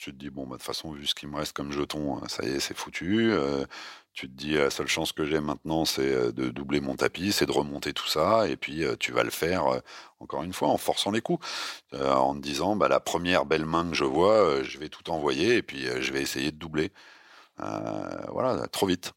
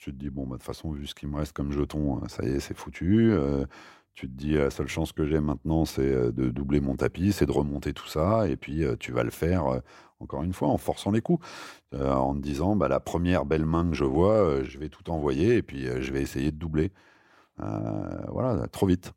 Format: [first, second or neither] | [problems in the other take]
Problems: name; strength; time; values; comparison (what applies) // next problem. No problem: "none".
second | thin; somewhat; fading below 800 Hz